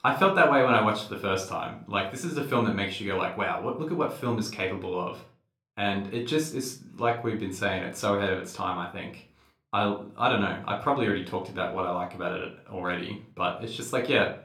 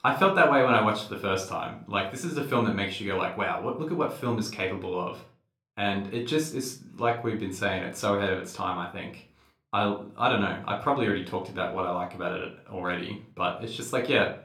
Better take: neither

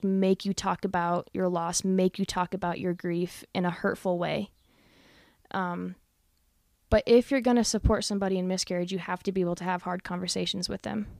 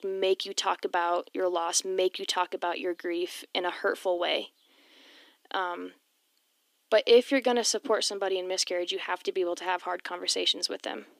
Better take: first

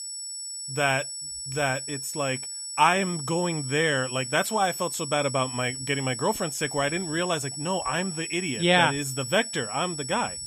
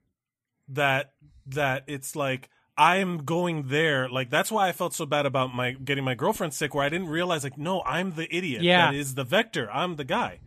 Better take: second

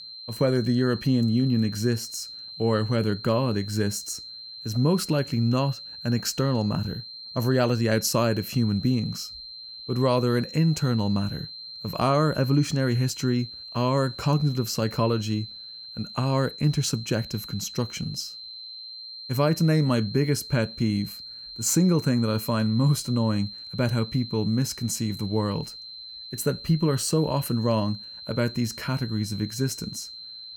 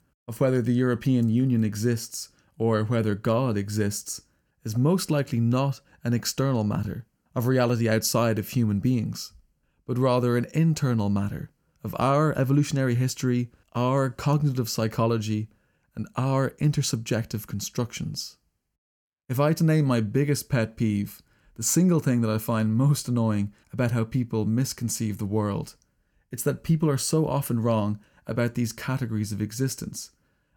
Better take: second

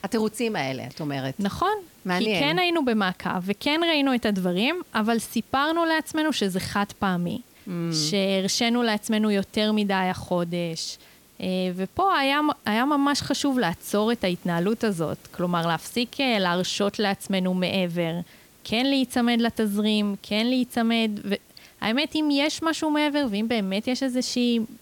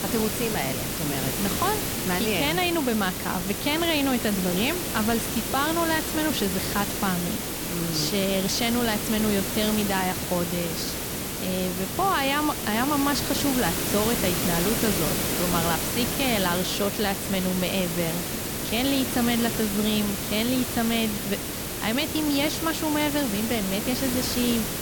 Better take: first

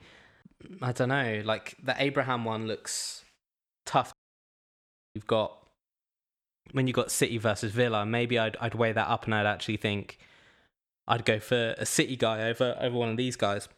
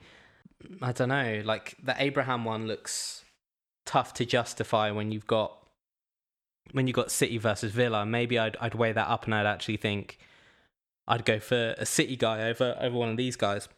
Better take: second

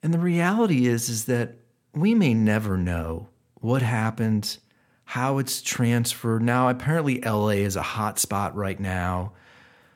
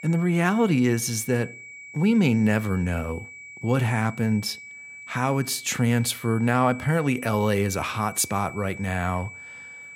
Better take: first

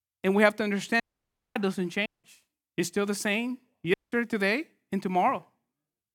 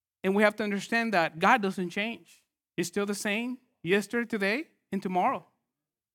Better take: second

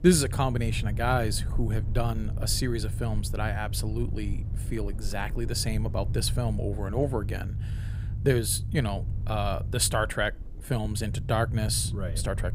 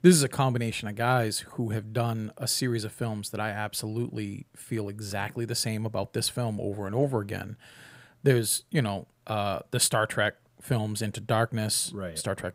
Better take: second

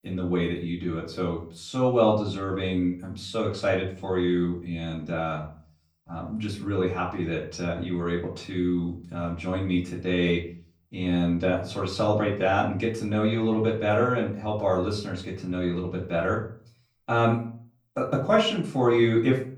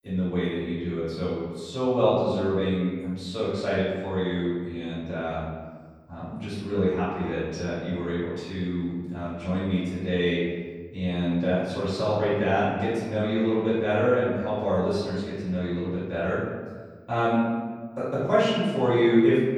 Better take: first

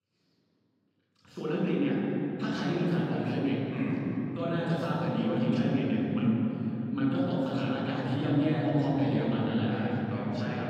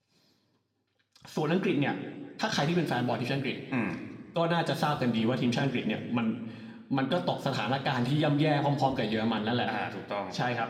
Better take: second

